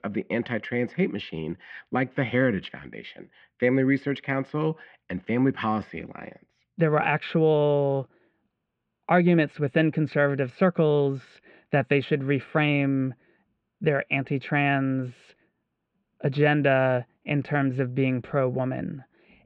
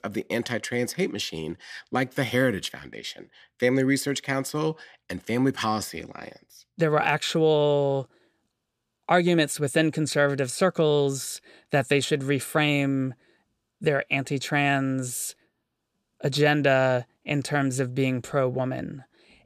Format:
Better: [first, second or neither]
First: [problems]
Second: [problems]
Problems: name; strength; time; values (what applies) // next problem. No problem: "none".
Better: second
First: muffled; very; fading above 2.5 kHz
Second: none